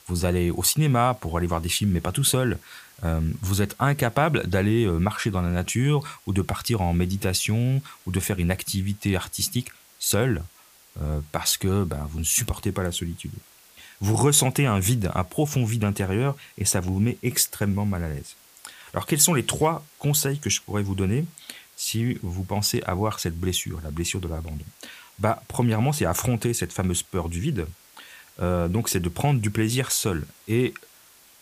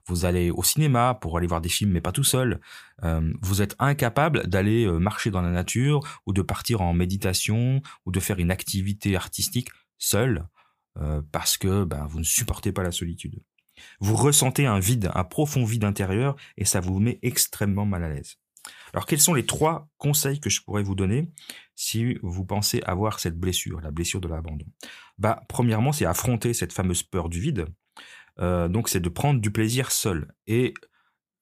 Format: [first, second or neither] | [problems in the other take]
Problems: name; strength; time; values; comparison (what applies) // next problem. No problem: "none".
second | hiss; faint; throughout; 25 dB below the speech